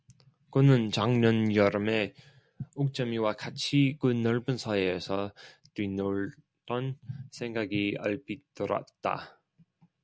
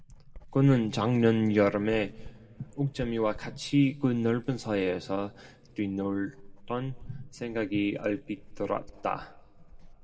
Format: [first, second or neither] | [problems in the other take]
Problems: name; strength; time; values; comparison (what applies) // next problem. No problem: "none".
first | background sound (Writing); 18 dB below the speech // room echo; dies away in 1.5 s